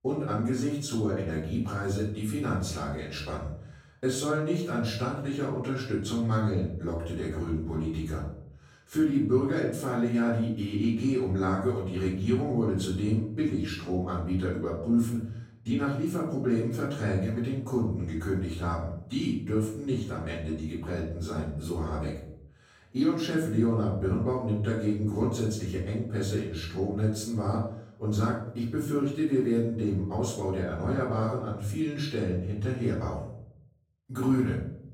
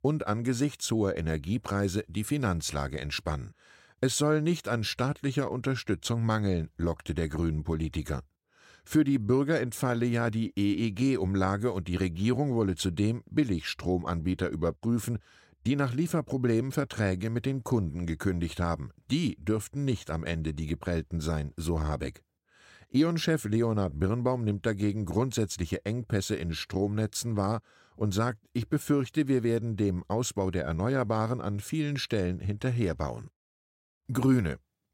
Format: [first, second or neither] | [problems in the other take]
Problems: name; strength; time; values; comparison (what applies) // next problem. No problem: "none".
second | off-mic speech; far // room echo; noticeable; dies away in 0.6 s